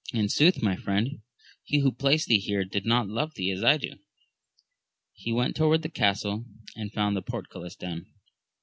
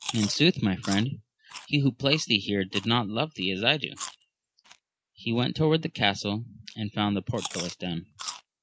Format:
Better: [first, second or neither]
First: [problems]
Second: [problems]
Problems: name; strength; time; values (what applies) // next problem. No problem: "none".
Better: first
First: none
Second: noise reduction (neural mask model Resemble Enhance denoiser)